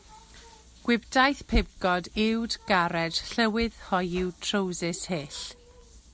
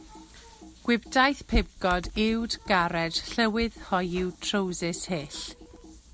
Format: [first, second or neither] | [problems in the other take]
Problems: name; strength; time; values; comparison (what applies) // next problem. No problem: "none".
first | background sound (Computer keyboard); 18 dB below the speech